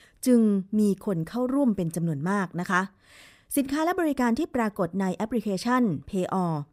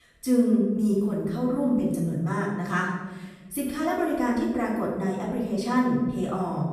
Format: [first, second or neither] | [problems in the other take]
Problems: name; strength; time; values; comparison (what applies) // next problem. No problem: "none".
first | off-mic speech; far // room echo; noticeable; dies away in 1.2 s